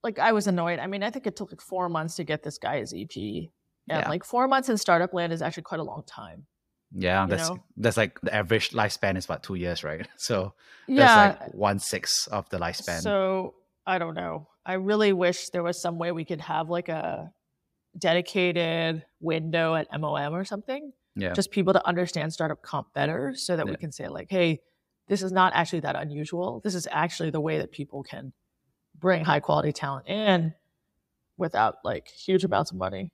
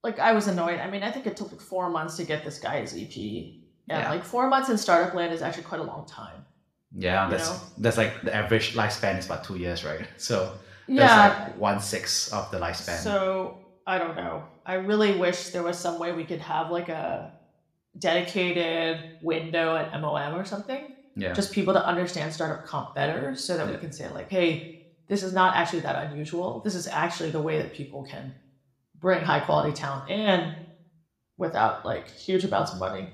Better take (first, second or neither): first